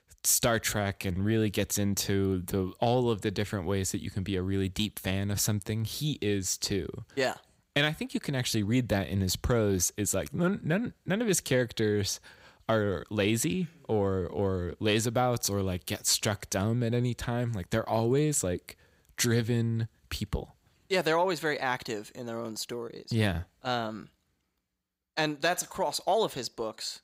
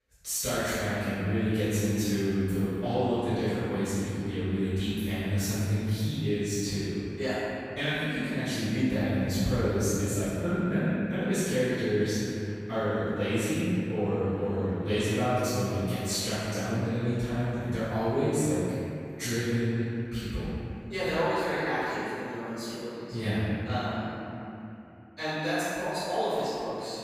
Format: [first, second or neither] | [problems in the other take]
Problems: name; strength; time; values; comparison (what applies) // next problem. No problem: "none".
first | off-mic speech; far // room echo; strong; dies away in 2.9 s